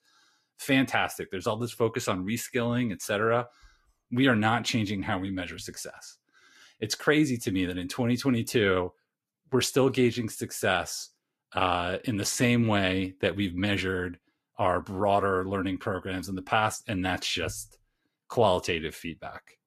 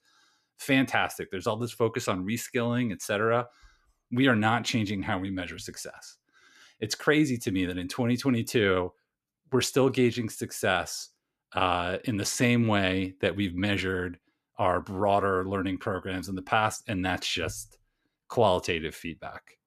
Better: second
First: garbled, watery; slightly; nothing above 14.5 kHz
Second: none

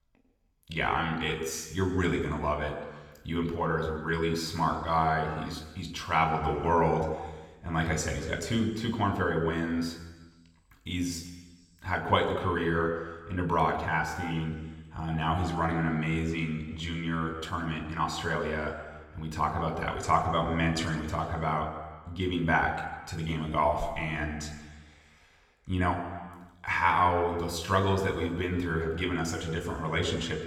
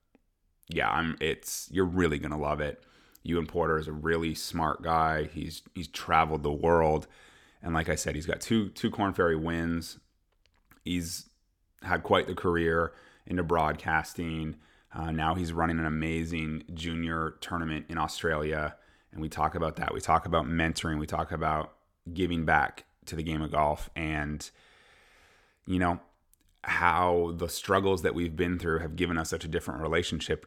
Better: second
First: room echo; slight; dies away in 1.4 s // off-mic speech; somewhat distant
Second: none

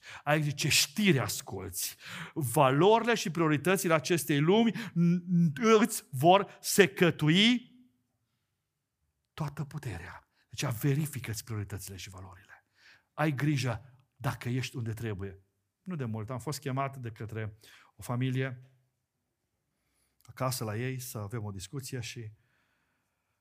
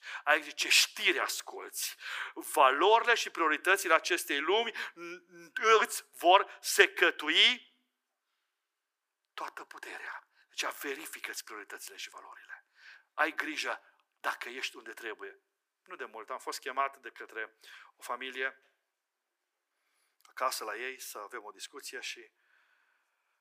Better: first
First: none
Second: thin; very; fading below 350 Hz

